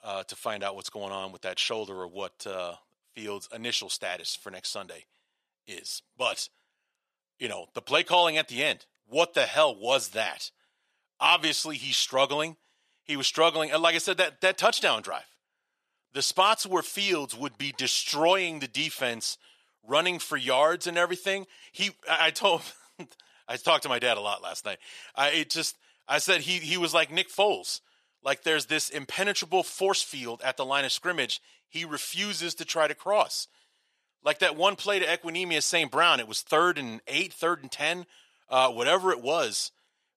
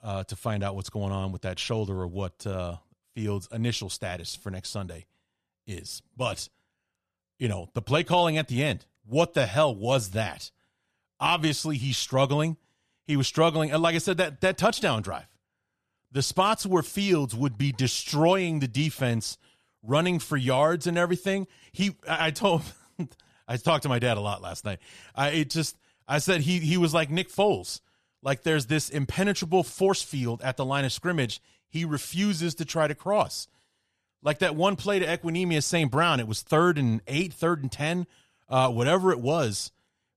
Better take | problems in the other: second | thin; very; fading below 450 Hz

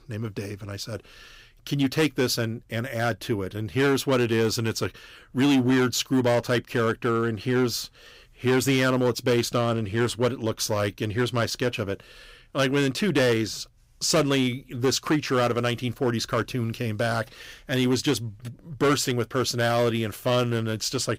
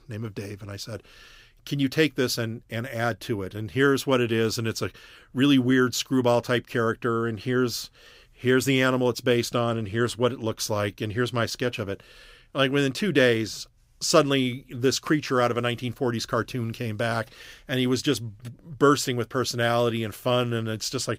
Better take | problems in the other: second | distortion; slight; 6% of the sound clipped

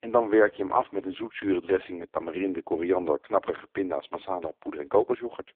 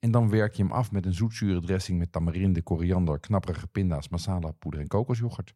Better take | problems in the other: second | phone-call audio; poor line

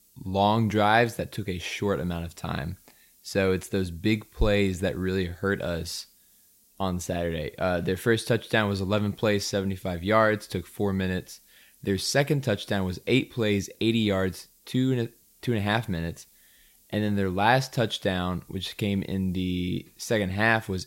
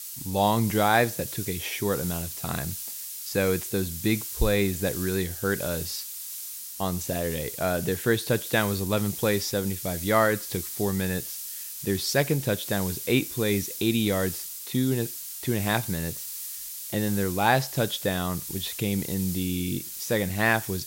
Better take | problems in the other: first | hiss; loud; throughout; 7 dB below the speech; faint in the first

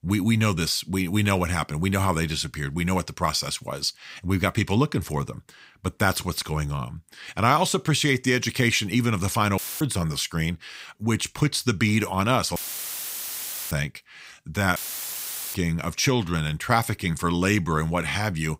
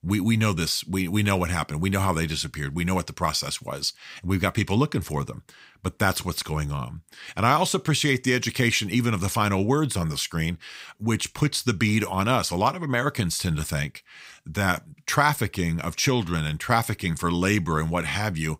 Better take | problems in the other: second | audio cutting out; filled with static; at 9.5 s, at 13 s for 1 s and at 15 s for 1 s

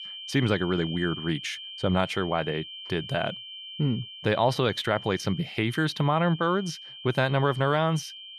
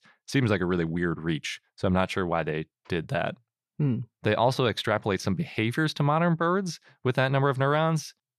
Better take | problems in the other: second | high-pitched whine; noticeable; throughout; 3 kHz, 10 dB below the speech

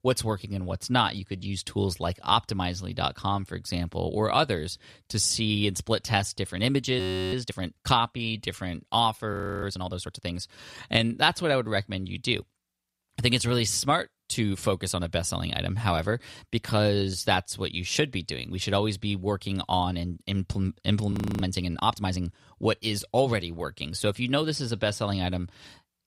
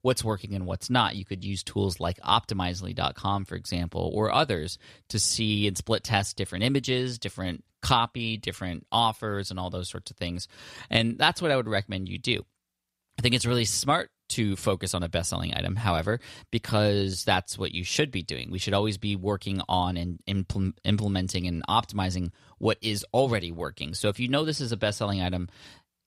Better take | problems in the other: second | audio freezing; at 7 s, at 9.5 s and at 21 s

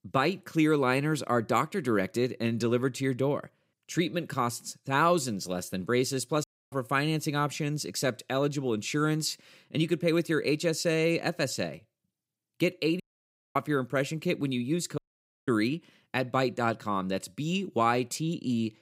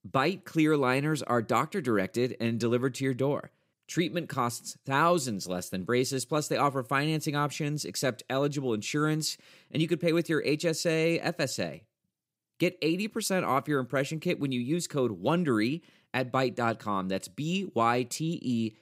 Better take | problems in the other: second | audio cutting out; at 6.5 s, at 13 s for 0.5 s and at 15 s

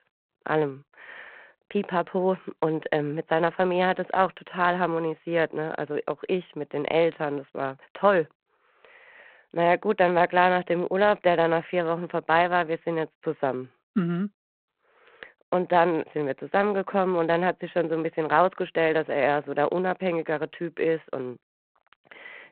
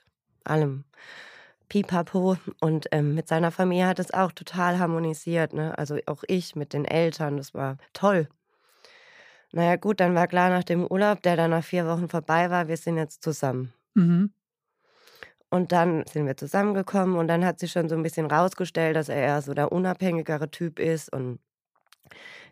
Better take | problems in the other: second | phone-call audio; nothing above 4 kHz

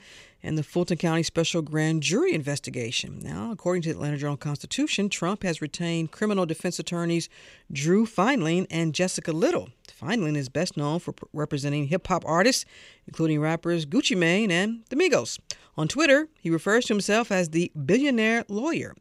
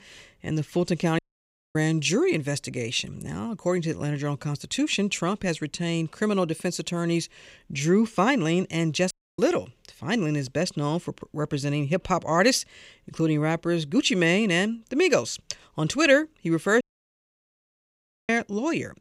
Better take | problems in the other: first | audio cutting out; at 1 s for 0.5 s, at 9 s and at 17 s for 1.5 s

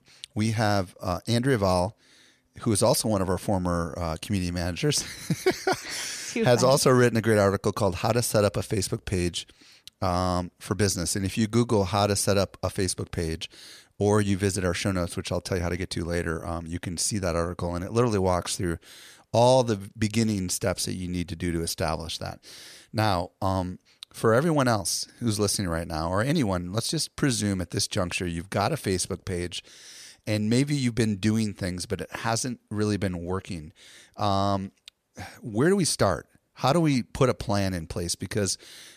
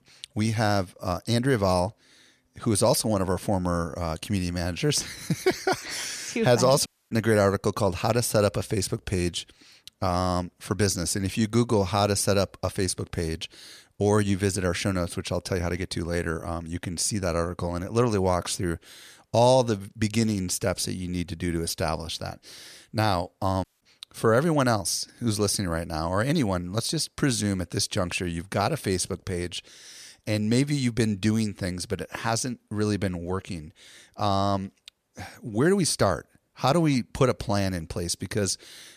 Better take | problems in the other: first | audio cutting out; at 7 s and at 24 s

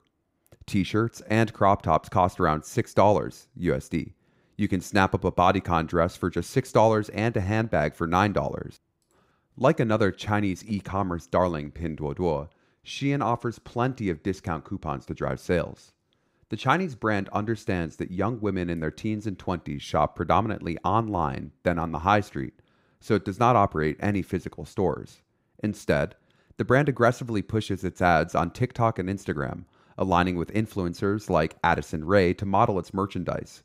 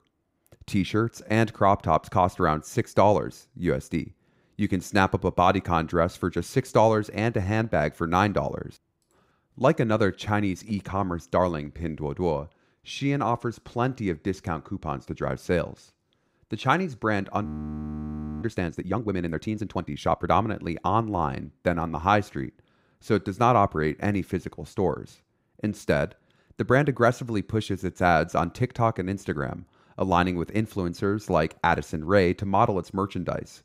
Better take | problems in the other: first | audio freezing; at 17 s for 1 s

